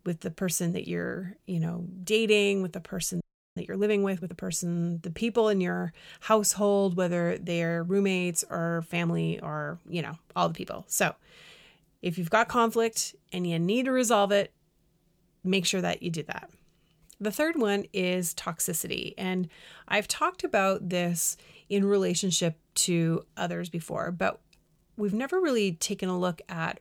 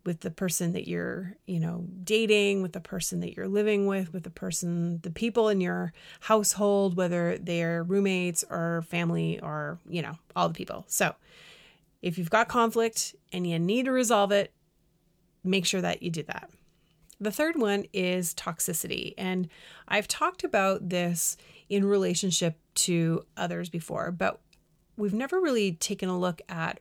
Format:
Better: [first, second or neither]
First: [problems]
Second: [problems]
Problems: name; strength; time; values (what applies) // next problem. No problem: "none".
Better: second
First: audio freezing; at 3 s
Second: none